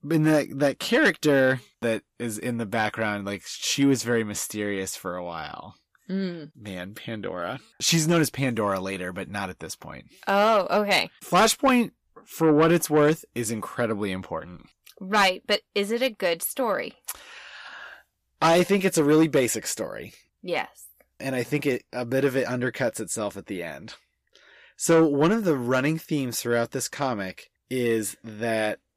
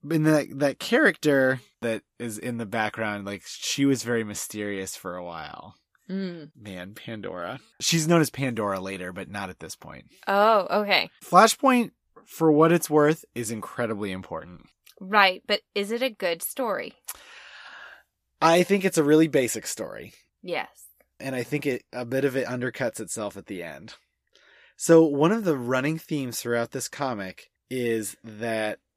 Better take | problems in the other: second | distortion; slight; 10 dB below the speech

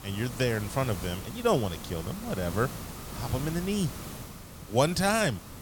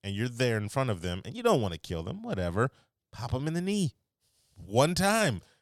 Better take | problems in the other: second | hiss; noticeable; throughout; 10 dB below the speech

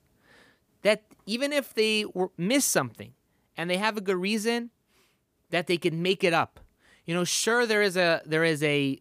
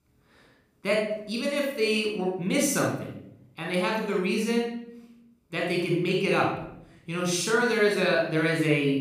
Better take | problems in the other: first | off-mic speech; somewhat distant // room echo; noticeable; dies away in 0.7 s

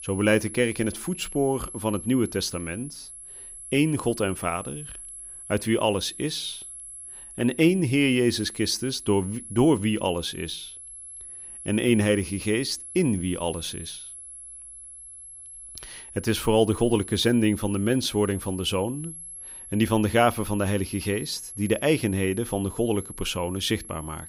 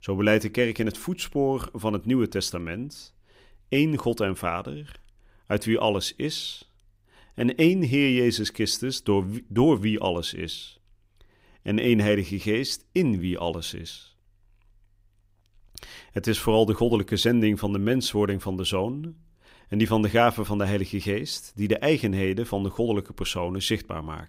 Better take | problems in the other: second | high-pitched whine; noticeable; throughout; 11 kHz, 15 dB below the speech

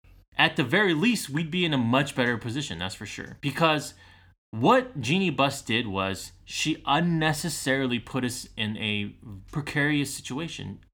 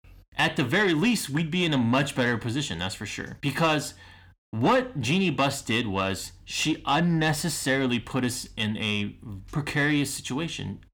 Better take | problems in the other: first | distortion; slight; 10 dB below the speech

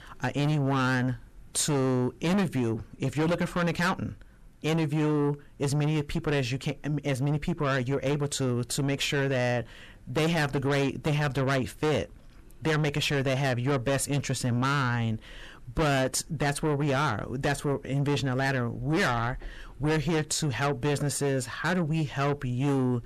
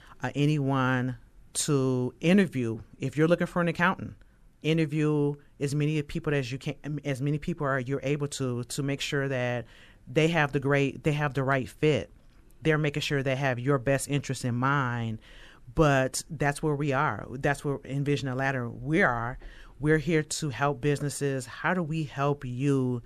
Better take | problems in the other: second | distortion; heavy; 7 dB below the speech

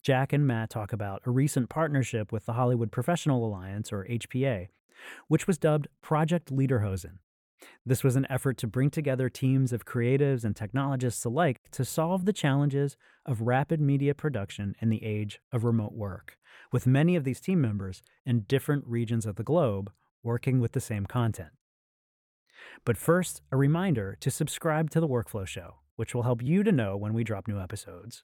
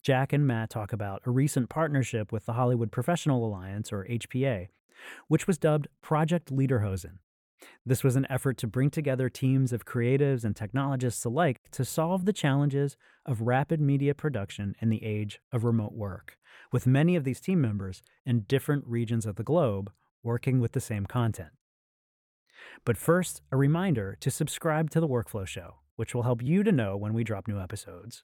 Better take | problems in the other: neither | none

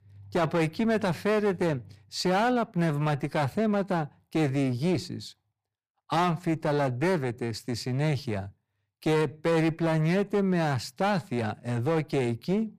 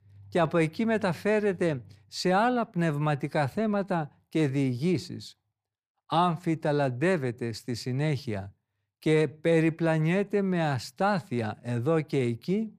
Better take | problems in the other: second | distortion; slight; 12% of the sound clipped

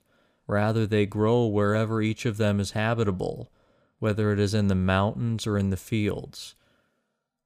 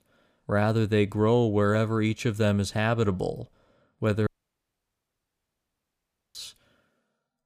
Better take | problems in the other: first | audio cutting out; at 4.5 s for 2 s

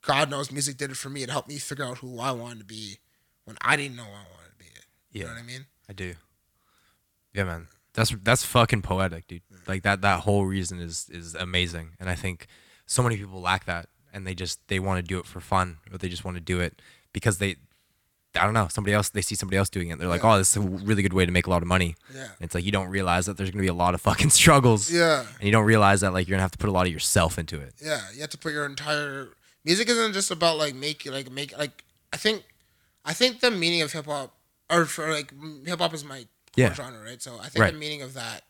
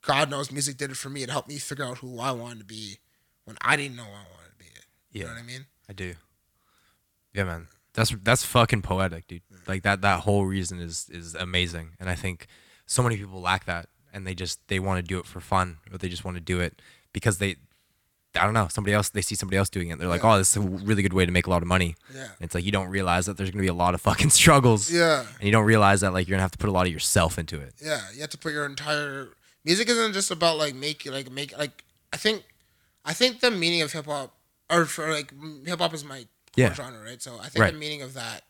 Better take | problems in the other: neither | none

